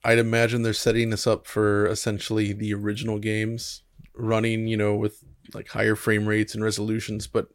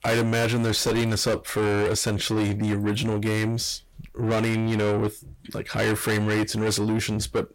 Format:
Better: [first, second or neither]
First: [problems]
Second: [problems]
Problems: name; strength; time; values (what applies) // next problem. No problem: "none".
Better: first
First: none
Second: distortion; heavy; 6 dB below the speech